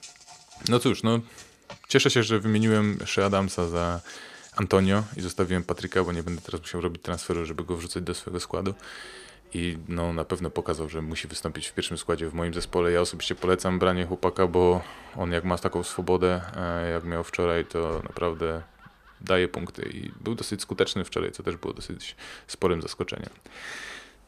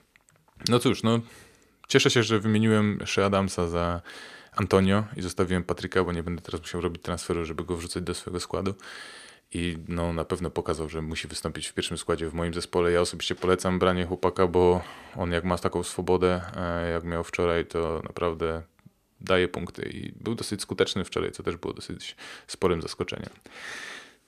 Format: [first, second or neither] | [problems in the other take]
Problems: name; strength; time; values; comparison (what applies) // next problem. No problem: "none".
second | animal sounds; faint; throughout; 25 dB below the speech